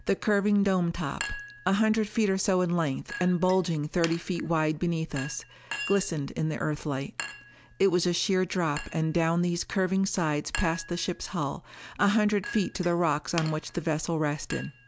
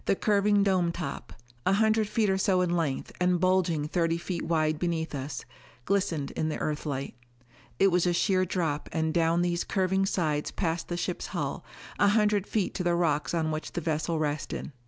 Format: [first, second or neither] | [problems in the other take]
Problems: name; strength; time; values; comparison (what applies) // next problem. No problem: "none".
second | background sound (Chink, clink); 16 dB below the speech